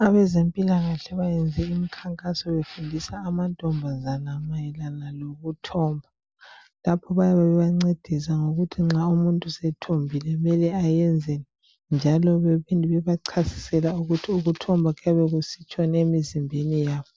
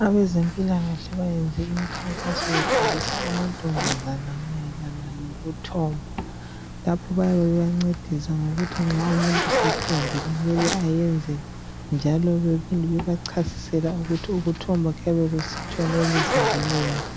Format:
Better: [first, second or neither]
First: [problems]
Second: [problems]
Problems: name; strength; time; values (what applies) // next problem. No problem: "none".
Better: first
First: none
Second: background sound (Zipper (clothing)); 5 dB below the speech